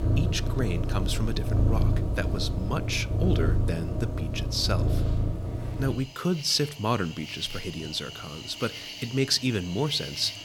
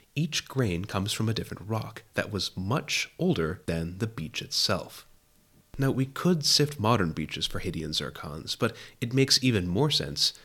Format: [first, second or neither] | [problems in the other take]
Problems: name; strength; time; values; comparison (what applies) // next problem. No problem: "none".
second | animal sounds; loud; throughout; 1 dB below the speech